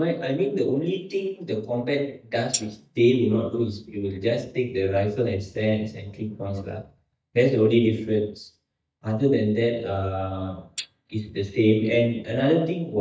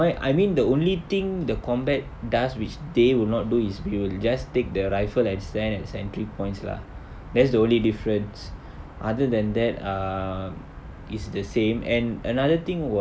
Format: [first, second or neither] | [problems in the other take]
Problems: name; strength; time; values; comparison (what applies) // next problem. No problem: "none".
second | noise reduction (neural mask model DeepFilterNet 3)